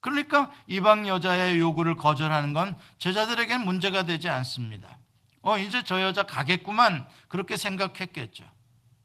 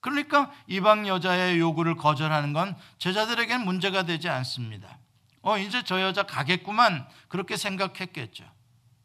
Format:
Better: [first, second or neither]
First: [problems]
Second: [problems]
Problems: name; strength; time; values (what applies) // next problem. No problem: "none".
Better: second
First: garbled, watery; slightly; nothing above 14.5 kHz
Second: none